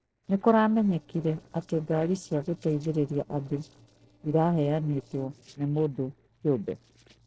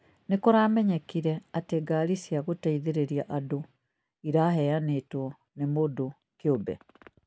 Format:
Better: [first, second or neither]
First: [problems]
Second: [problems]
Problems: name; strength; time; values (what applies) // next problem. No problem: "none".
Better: second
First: noise reduction (neural separator model SepFormer DNS4)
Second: none